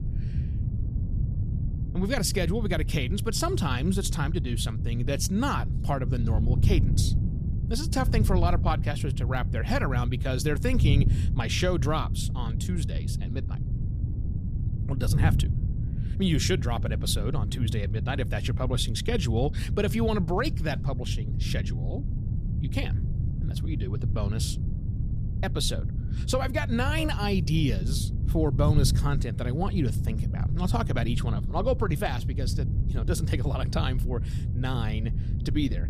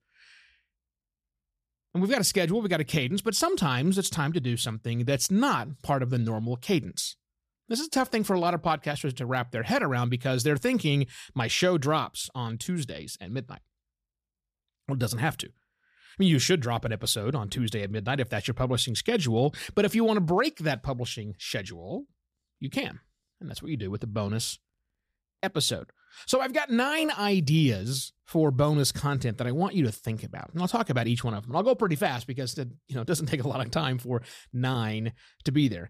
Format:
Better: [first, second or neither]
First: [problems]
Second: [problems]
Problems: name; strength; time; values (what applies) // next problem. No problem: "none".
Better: second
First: wind noise on the microphone; occasional gusts; 10 dB below the speech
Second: none